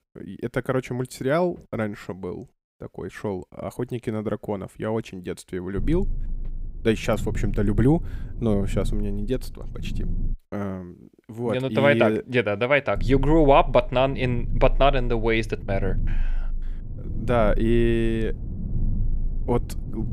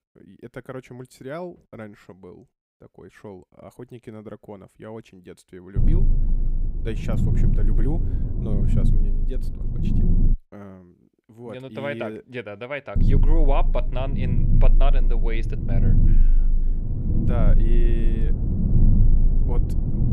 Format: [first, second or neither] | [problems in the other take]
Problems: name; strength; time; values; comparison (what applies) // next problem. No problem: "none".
first | low rumble; loud; from 6 to 10 s and from 13 s on; 3 dB below the speech; faint in the first